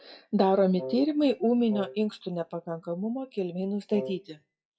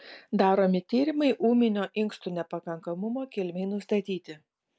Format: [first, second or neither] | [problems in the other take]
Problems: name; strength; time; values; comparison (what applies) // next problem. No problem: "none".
second | noise reduction (classical method WPE with log-MMSE)